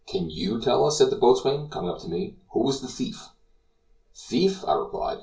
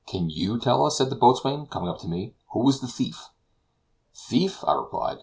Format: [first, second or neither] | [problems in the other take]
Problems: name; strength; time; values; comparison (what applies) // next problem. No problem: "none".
second | room echo; dies away in 0.2 s